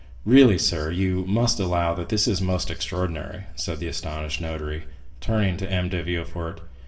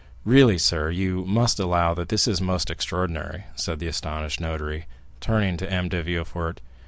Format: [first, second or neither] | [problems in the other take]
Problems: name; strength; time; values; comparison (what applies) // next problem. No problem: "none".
second | room echo; dies away in 0.8 s